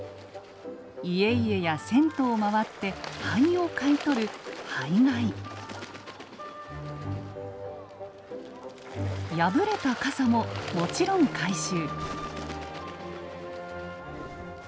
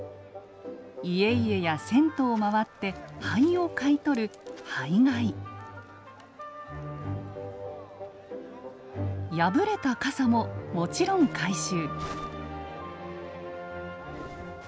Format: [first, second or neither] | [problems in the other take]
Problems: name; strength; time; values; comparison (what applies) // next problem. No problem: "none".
second | background sound (Water / Bird); 14 dB below the speech